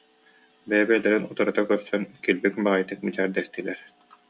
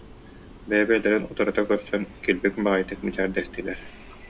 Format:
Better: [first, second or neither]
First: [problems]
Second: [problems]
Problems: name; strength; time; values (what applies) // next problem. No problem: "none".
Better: first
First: none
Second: background sound (Train); 18 dB below the speech